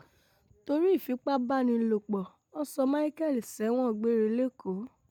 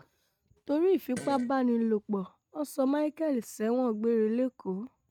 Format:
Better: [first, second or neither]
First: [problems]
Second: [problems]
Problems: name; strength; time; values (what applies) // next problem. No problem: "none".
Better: first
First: none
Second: noise reduction (neural mask model RNNoise)